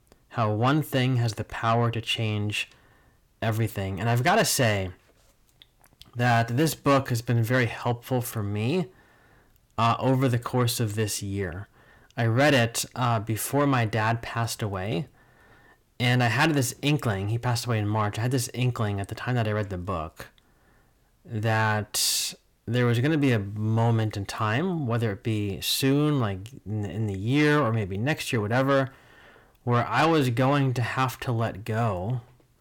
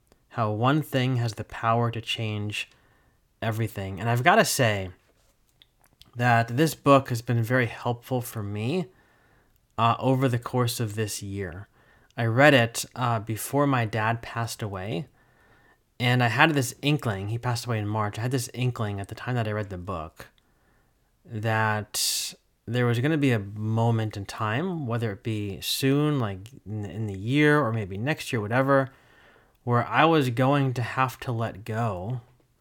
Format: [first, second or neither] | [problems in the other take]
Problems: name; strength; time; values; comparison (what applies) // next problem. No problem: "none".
second | distortion; slight; 10 dB below the speech